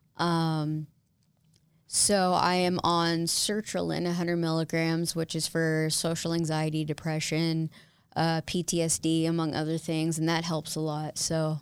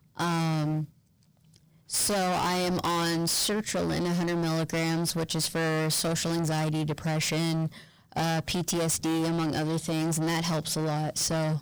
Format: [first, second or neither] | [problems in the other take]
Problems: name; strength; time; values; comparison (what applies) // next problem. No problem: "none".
first | distortion; heavy; 33% of the sound clipped